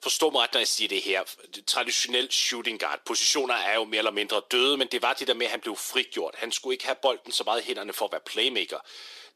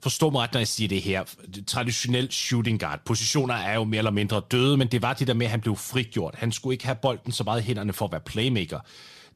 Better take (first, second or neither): second